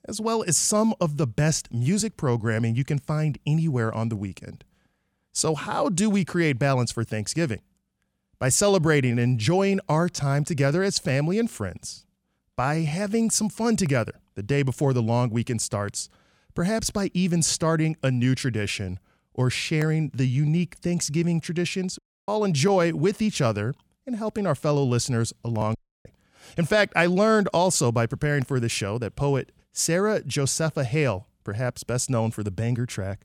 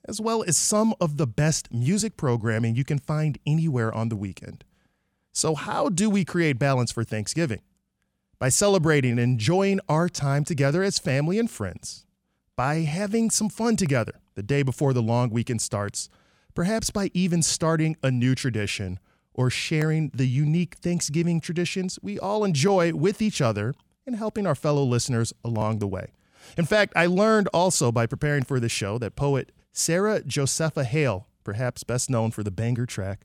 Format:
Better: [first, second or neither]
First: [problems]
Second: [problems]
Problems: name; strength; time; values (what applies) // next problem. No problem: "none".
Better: second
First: audio cutting out; at 22 s and at 26 s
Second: none